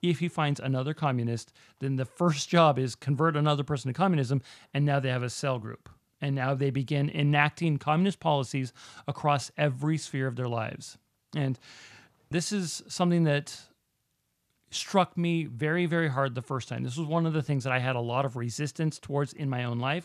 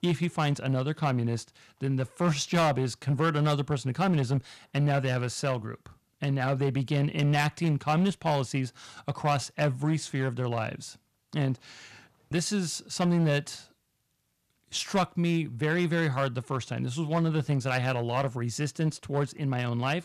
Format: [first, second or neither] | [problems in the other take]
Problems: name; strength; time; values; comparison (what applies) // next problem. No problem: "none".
first | distortion; slight; 5% of the sound clipped